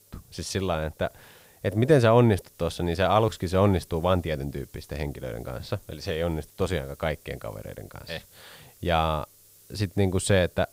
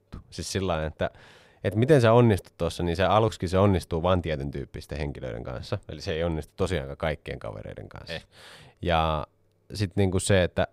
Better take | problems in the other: second | hiss; faint; throughout; 25 dB below the speech

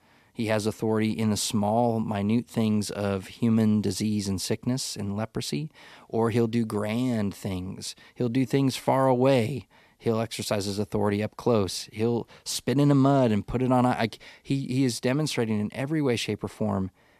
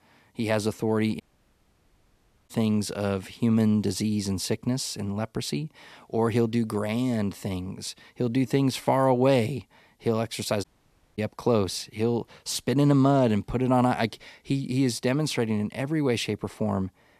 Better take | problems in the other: first | audio cutting out; at 1 s for 1.5 s and at 11 s for 0.5 s

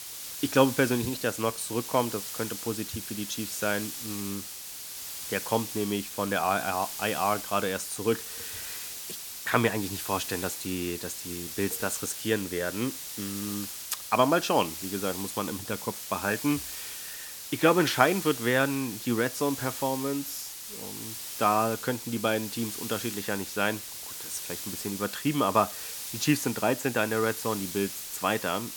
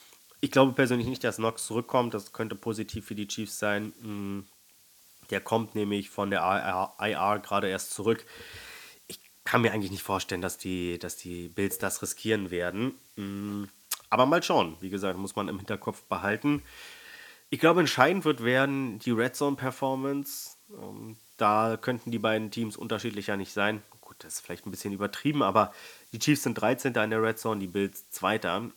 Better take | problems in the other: second | hiss; loud; throughout; 7 dB below the speech; faint in the second

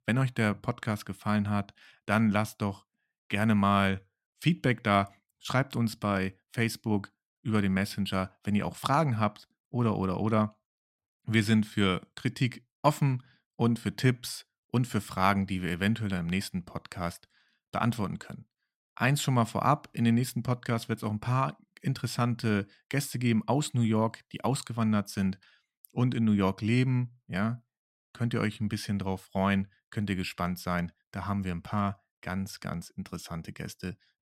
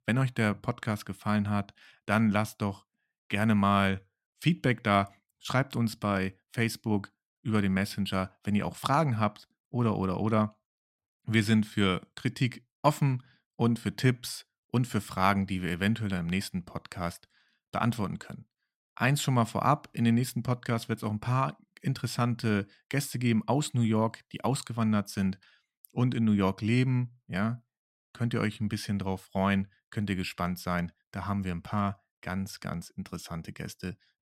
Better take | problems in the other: neither | none

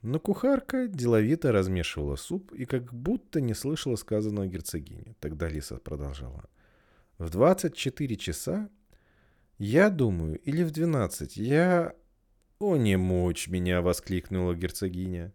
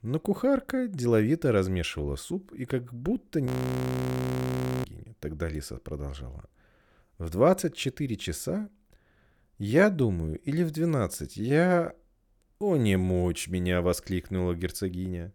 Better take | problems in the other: first | audio freezing; at 3.5 s for 1.5 s

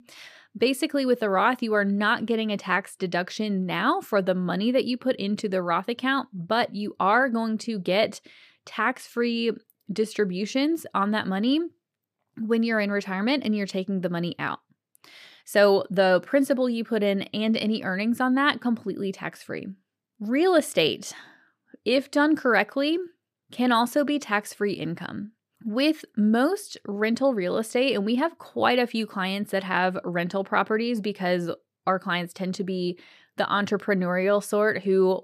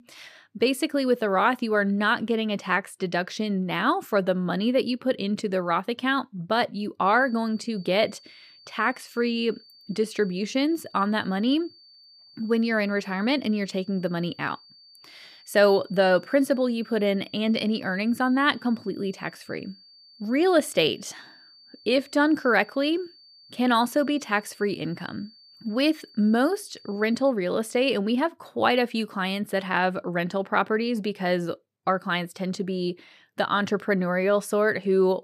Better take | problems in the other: first | high-pitched whine; faint; from 7 to 27 s; 4.5 kHz, 25 dB below the speech

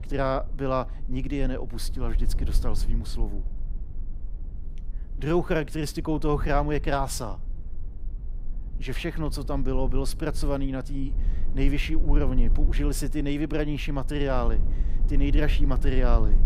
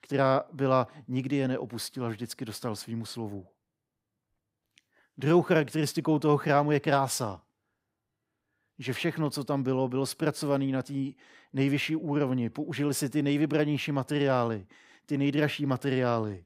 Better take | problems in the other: second | low rumble; noticeable; throughout; 20 dB below the speech

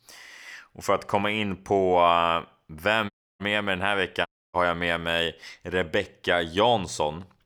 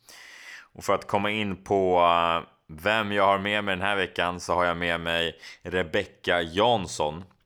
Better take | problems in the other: second | audio cutting out; at 3 s and at 4.5 s

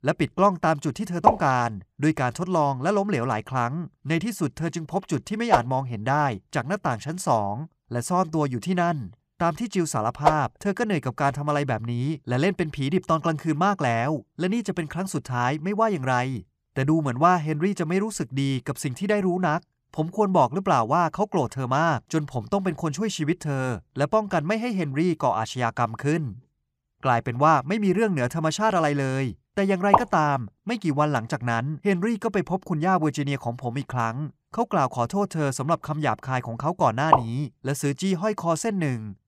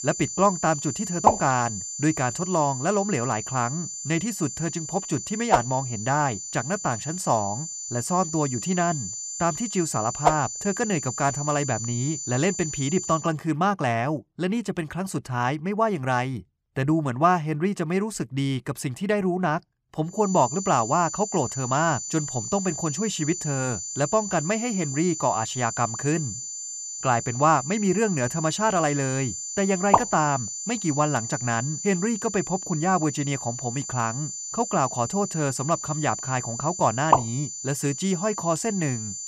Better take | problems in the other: first | high-pitched whine; loud; until 13 s and from 20 s on; 7 kHz, 6 dB below the speech

